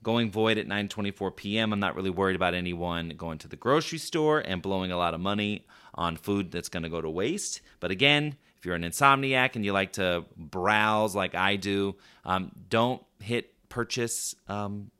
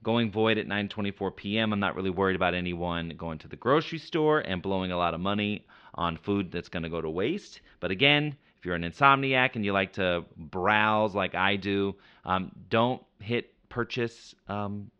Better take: first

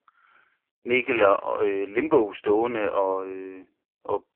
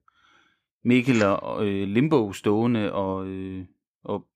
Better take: second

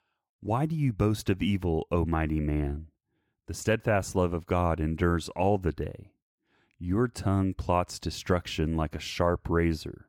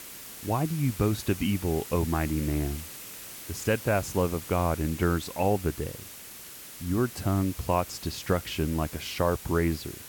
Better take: first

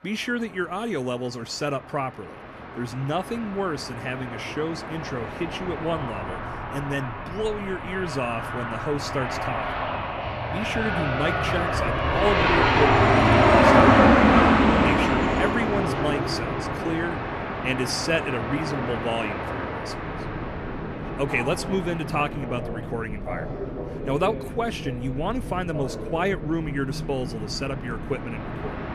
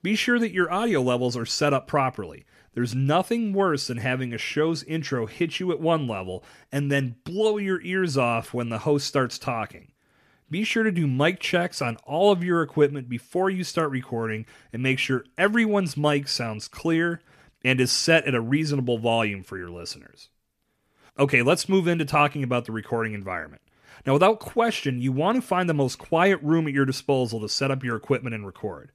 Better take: second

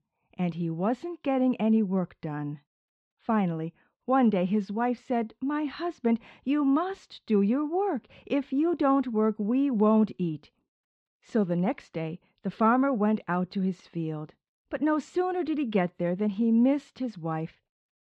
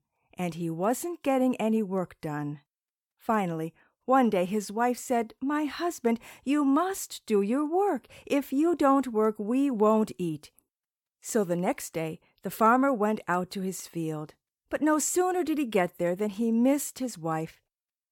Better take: second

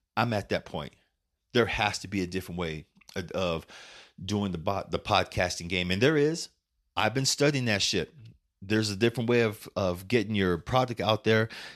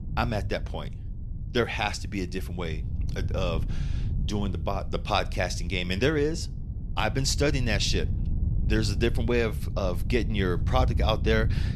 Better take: first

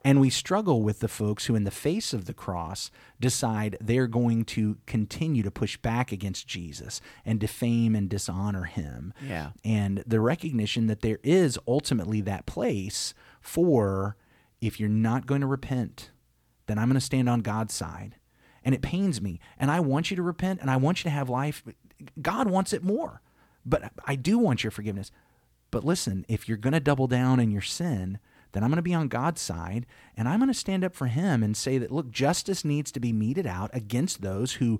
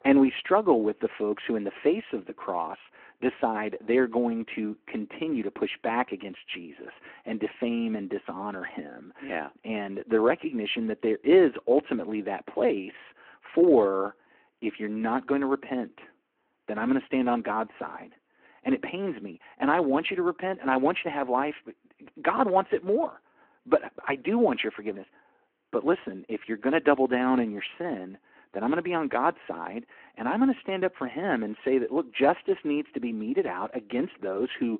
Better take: first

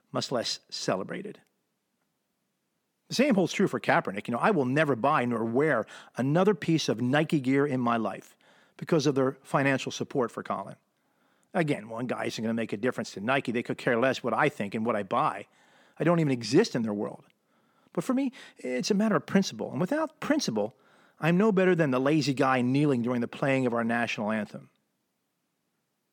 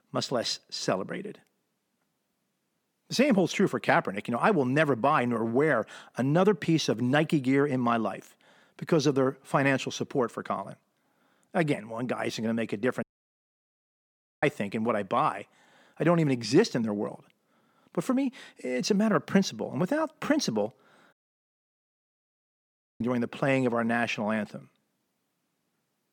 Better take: first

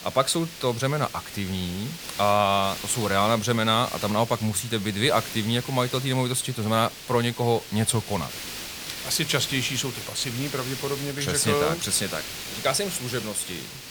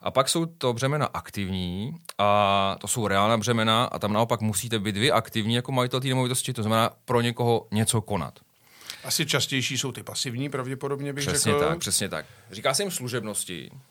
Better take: second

